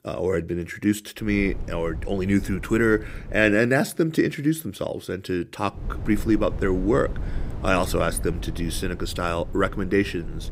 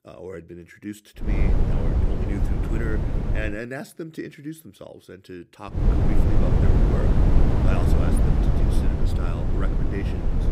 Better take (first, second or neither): first